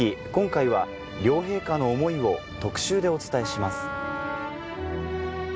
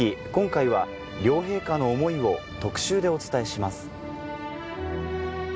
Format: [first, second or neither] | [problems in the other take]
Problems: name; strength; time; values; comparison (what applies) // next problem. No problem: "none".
second | background sound (Wind instrument, woodwind instrument); 9 dB below the speech